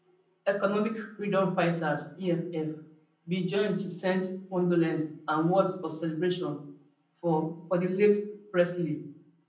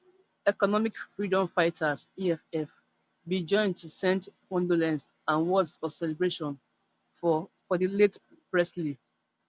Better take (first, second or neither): second